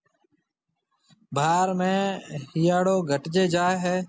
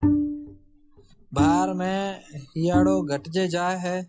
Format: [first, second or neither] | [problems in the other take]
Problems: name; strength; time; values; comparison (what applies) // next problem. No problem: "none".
first | noise reduction (classical method log-MMSE)